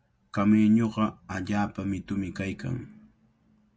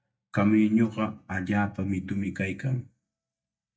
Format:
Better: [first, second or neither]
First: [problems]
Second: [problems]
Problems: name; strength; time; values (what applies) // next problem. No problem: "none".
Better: first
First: none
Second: noise reduction (neural mask model DeepFilterNet 3)